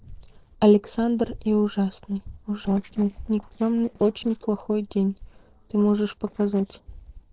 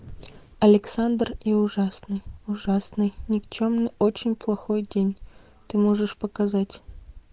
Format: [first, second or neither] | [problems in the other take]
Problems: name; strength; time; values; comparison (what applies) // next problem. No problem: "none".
second | noise reduction (neural separator model SepFormer DNS4)